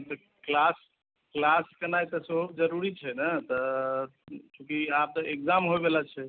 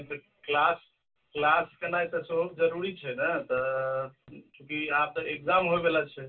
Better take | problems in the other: first | room echo; dies away in 0.1 s

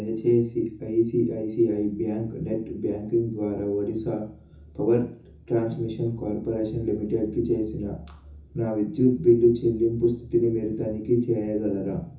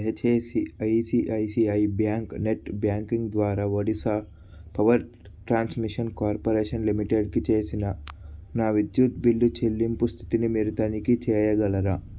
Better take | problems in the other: second | room echo; dies away in 0.6 s

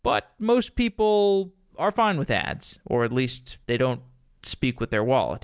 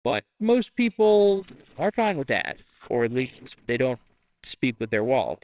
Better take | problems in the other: first | noise reduction (neural separator model SepFormer WHAMR!)

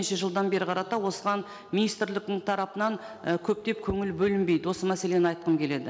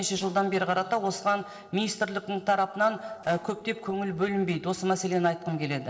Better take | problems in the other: first | noise reduction (neural separator model SepFormer DNS4)

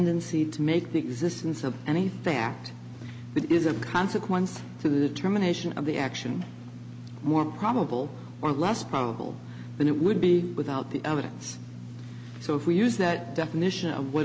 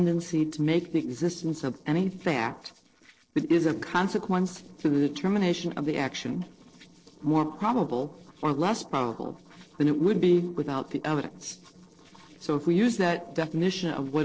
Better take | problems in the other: first | noise reduction (neural separator model SepFormer DNS4)

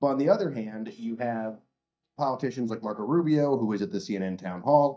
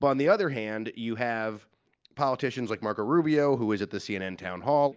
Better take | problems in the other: second | noise reduction (neural mask model DeepFilterNet 3)

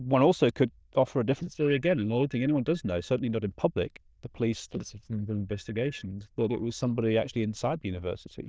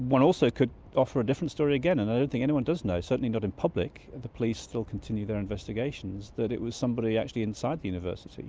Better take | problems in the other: second | noise reduction (neural diffusion model UNIVERSE++)

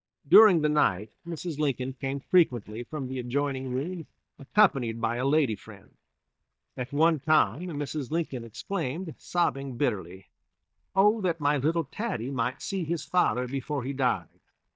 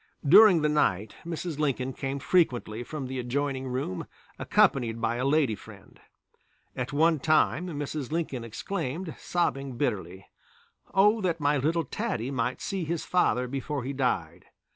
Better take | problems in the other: second | noise reduction (neural mask model DeepFilterNet 3)

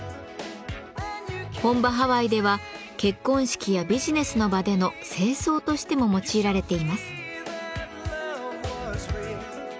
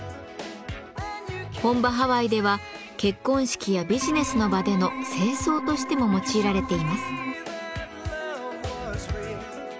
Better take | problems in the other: first | background sound (Organ); 5 dB below the speech

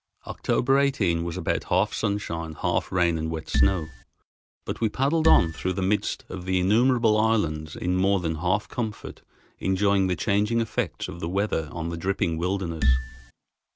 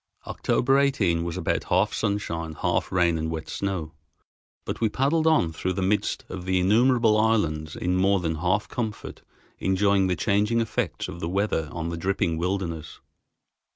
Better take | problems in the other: second | background sound (Marimba, xylophone); 3 dB above the speech

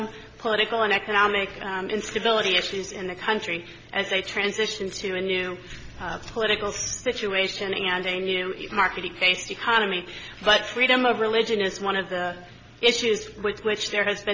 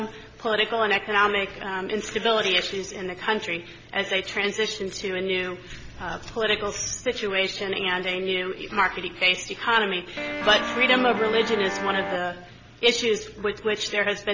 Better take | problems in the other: first | background sound (Guitar); 4 dB below the speech

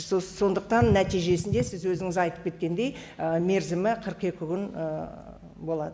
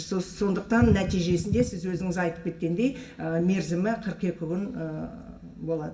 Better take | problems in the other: first | room echo; dies away in 0.2 s

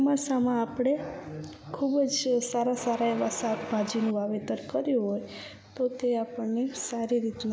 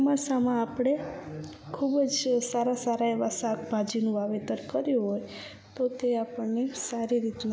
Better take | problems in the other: second | background sound (Mechanisms); 12 dB below the speech

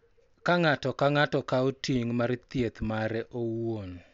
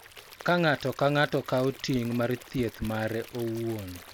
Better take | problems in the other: first | background sound (Stream / Liquid); 19 dB below the speech

